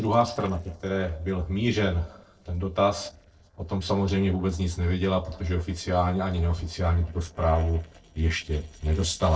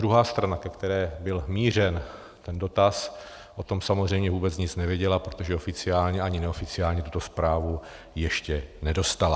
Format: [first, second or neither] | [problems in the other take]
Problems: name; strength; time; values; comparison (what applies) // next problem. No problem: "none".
second | noise reduction (neural separator model SepFormer DNS4)